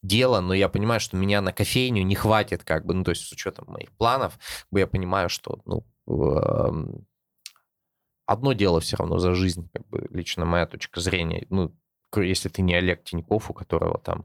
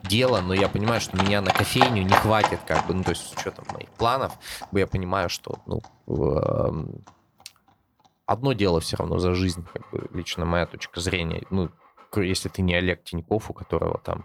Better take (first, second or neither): first